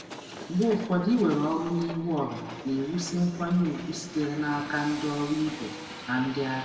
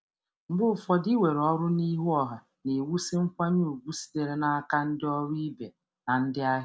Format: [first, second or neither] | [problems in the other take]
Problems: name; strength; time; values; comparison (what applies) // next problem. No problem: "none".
second | background sound (Hiss); 13 dB below the speech // room echo; dies away in 1.1 s